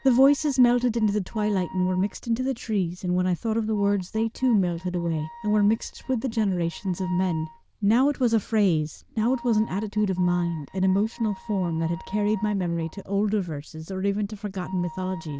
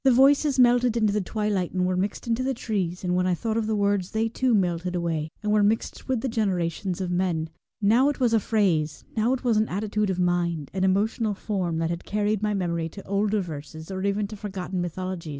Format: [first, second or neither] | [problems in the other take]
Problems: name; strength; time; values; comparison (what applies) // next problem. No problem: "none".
second | noise reduction (neural diffusion model UNIVERSE++)